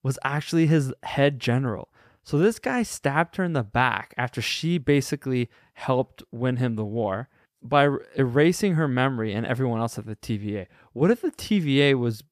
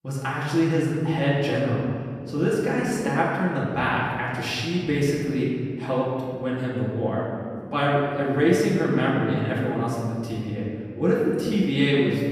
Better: first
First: none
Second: off-mic speech; far // room echo; noticeable; dies away in 2 s

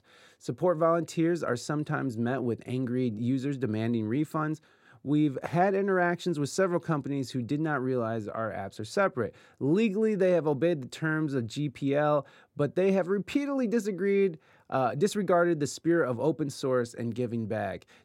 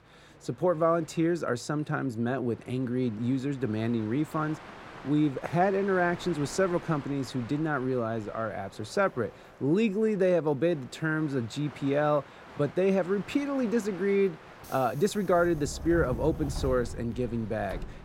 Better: first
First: none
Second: train or aircraft noise; noticeable; throughout; 15 dB below the speech

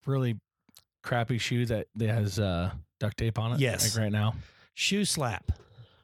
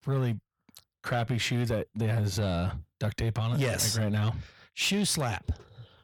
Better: first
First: none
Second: distortion; slight; 10 dB below the speech

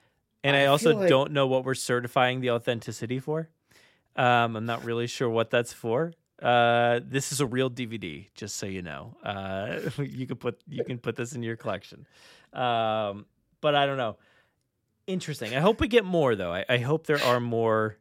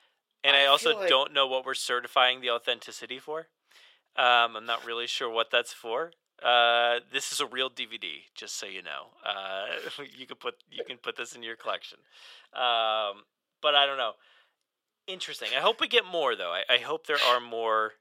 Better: first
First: none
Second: thin; very; fading below 600 Hz

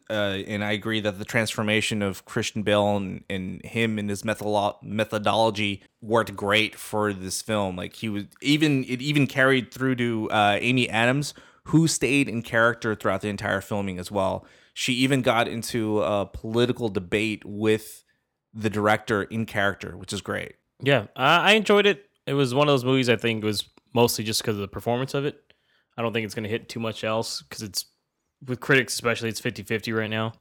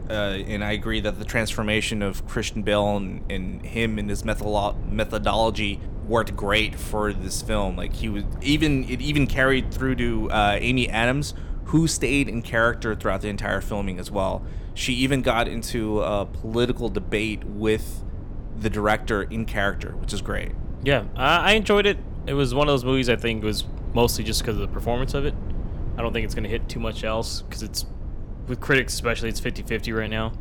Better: first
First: none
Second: low rumble; faint; throughout; 20 dB below the speech

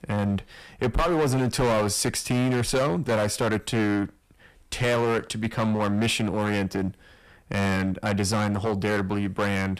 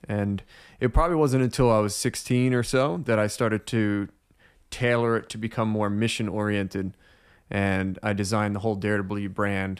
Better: second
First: distortion; heavy; 14% of the sound clipped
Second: none

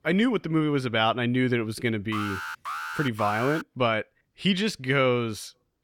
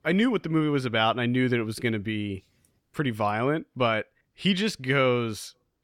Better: second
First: alarm; noticeable; from 2 to 3.5 s; peak 6 dB below the speech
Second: none

